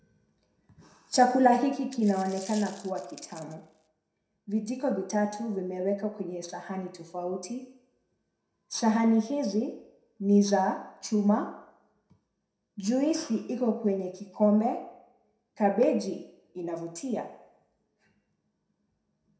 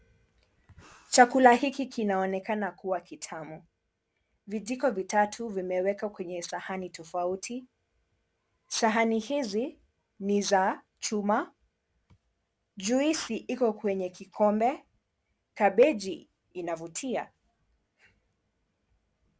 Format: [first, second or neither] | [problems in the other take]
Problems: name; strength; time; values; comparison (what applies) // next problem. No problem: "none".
second | background sound (Coin (dropping)); 20 dB below the speech // room echo; dies away in 0.6 s